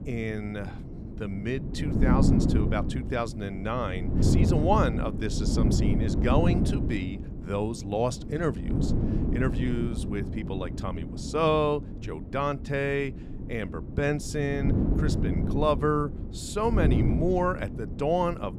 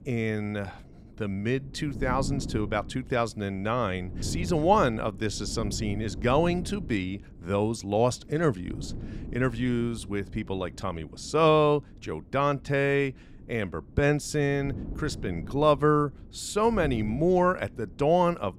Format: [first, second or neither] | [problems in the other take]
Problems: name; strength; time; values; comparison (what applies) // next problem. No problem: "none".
second | wind noise on the microphone; heavy; 7 dB below the speech; occasional gusts in the second